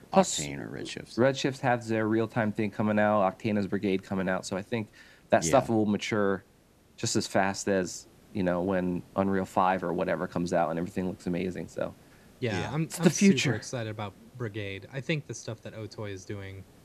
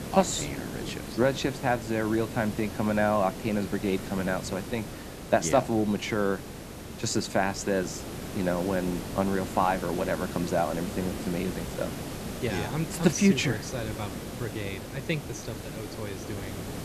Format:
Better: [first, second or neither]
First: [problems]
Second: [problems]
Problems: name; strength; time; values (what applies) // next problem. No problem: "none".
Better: first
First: hiss; faint; throughout; 30 dB below the speech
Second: hiss; loud; throughout; 9 dB below the speech